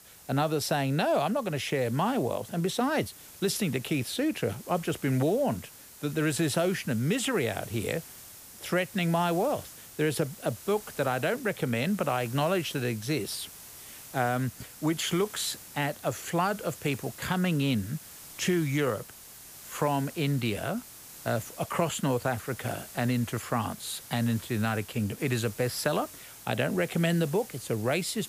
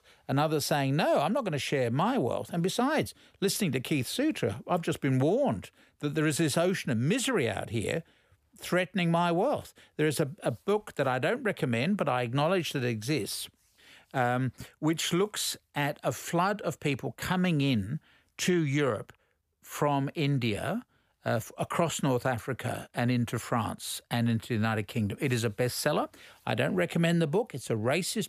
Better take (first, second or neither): second